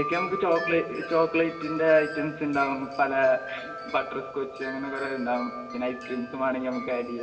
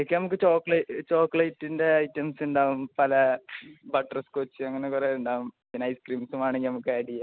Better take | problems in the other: second | background sound (Wind chime); 11 dB below the speech // room echo; dies away in 1.8 s

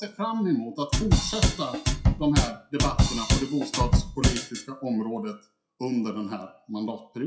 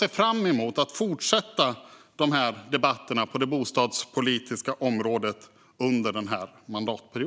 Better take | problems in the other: second | noise reduction (classical method WPE with log-MMSE)

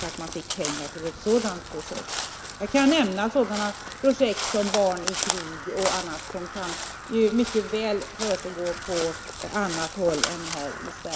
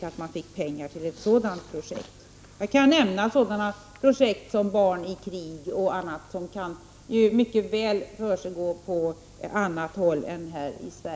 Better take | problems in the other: second | background sound (Crow); 7 dB below the speech

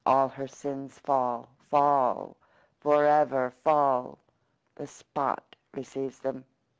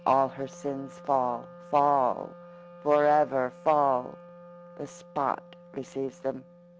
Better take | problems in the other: first | background sound (Wind instrument, woodwind instrument); 20 dB below the speech

